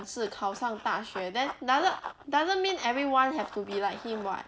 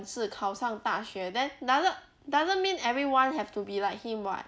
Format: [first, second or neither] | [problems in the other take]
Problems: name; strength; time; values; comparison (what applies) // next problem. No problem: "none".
second | background sound (Run); 15 dB below the speech